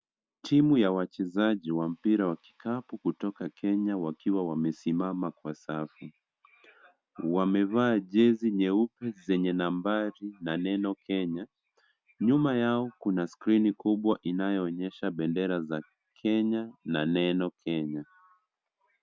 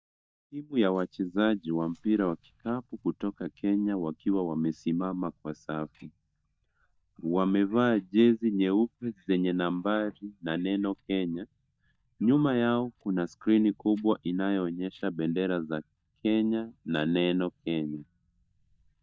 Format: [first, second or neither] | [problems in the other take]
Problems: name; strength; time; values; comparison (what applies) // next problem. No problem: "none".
first | noise reduction (neural mask model DeepFilterNet 3)